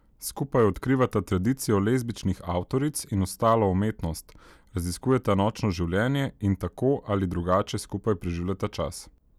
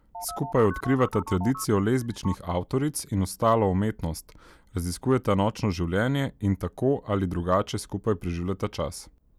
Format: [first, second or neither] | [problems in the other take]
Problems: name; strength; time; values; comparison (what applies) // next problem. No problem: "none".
first | background sound (Telephone); 13 dB below the speech